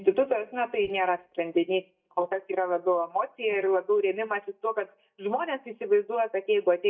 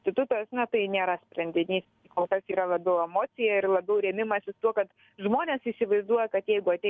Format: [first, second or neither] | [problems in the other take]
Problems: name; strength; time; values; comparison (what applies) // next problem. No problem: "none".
second | noise reduction (neural mask model DeepFilterNet 3)